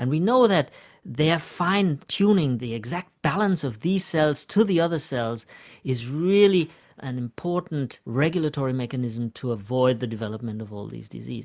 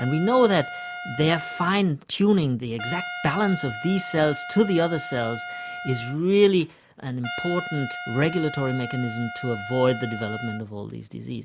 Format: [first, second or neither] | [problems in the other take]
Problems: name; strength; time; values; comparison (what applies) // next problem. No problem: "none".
first | background sound (Trumpet); 11 dB below the speech